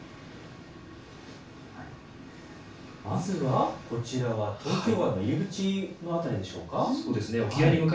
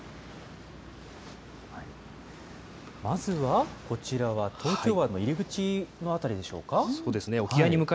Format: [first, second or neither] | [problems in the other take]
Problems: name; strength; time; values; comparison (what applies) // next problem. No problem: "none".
second | room echo; dies away in 0.3 s